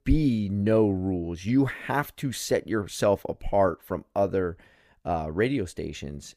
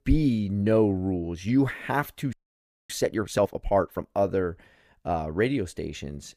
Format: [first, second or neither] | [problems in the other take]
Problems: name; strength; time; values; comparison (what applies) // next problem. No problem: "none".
first | audio freezing; at 2.5 s for 0.5 s